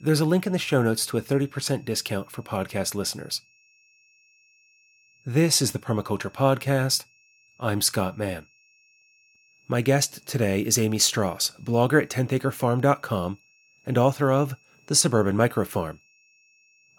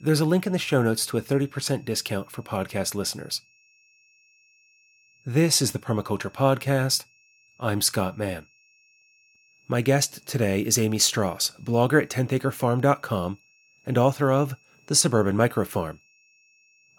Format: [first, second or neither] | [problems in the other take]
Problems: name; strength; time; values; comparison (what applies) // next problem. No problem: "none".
neither | high-pitched whine; faint; throughout; 2.5 kHz, 35 dB below the speech; the same in both